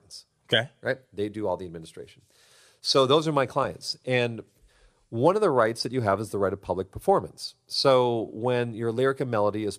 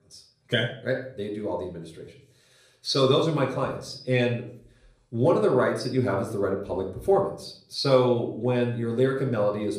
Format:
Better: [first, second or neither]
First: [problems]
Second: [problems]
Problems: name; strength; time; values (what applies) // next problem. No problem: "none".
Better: first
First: none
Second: off-mic speech; somewhat distant // room echo; slight; dies away in 0.5 s